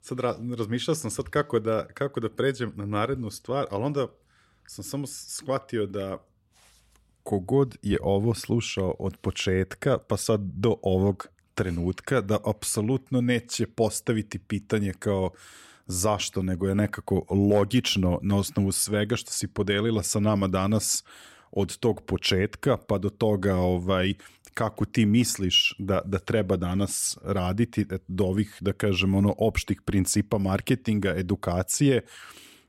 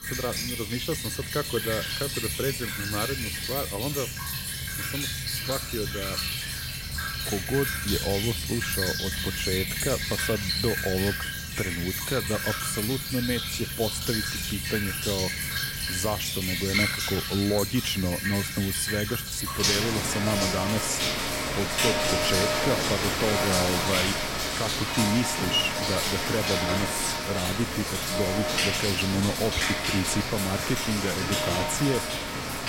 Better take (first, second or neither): first